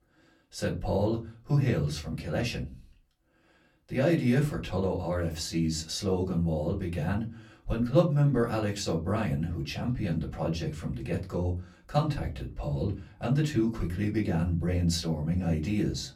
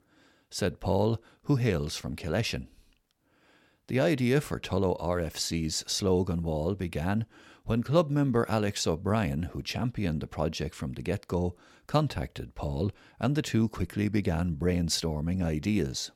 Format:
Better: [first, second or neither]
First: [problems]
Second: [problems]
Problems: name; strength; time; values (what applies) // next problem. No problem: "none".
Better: second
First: off-mic speech; far // room echo; very slight; dies away in 0.3 s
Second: none